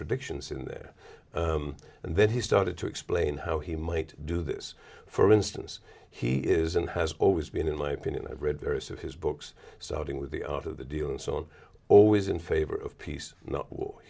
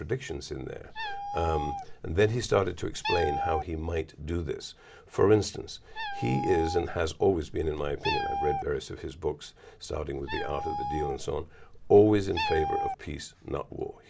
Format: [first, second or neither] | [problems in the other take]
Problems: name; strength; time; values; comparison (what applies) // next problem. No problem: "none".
first | background sound (Meow); 5 dB below the speech